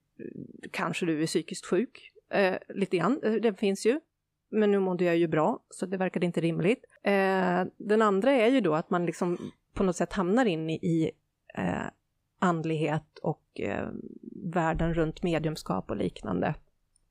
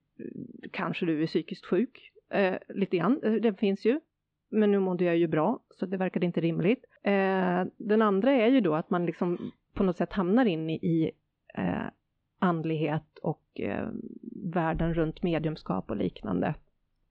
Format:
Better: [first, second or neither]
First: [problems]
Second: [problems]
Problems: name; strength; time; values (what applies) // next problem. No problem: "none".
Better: first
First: none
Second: muffled; slightly; fading above 3.5 kHz